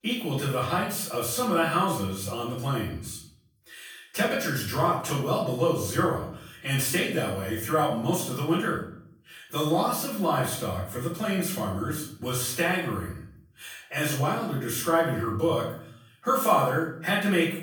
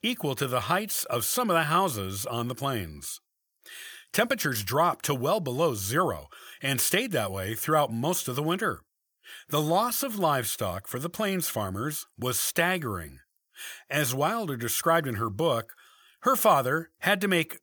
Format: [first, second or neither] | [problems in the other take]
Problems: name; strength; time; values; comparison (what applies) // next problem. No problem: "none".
second | off-mic speech; far // room echo; noticeable; dies away in 0.6 s